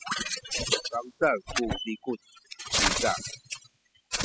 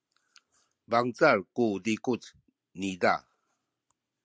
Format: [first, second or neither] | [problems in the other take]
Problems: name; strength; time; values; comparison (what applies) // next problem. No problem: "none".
second | noise reduction (classical method spectral subtraction)